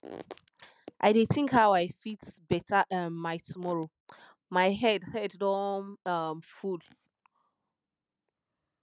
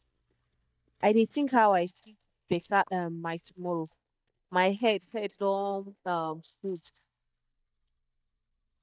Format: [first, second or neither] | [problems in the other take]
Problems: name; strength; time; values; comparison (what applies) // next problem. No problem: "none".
first | noise reduction (neural mask model DeepFilterNet 3)